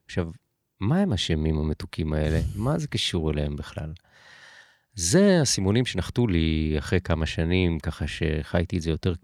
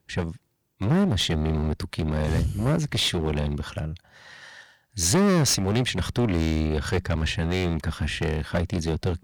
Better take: first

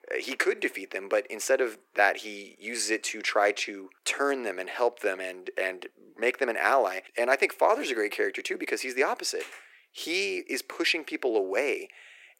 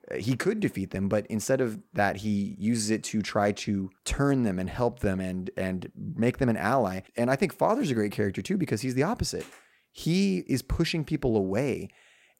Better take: second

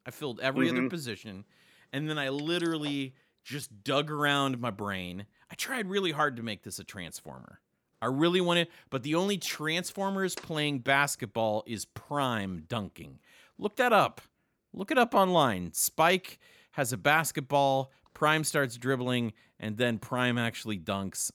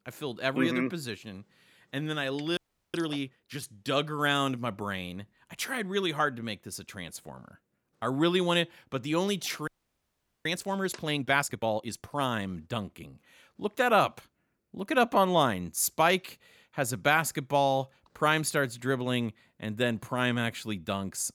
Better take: first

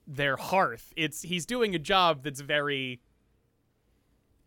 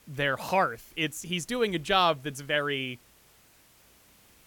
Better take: first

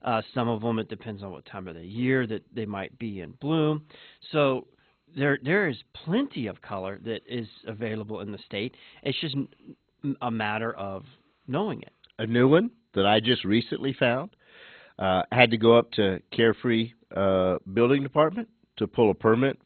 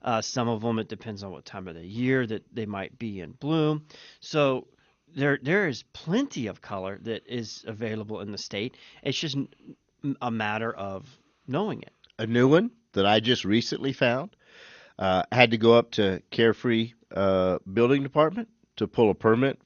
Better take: second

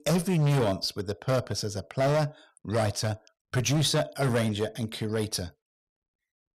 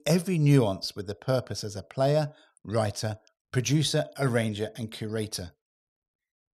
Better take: second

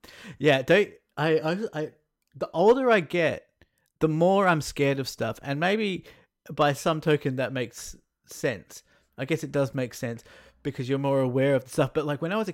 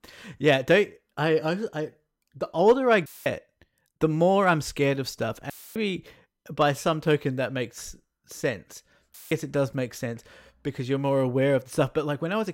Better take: first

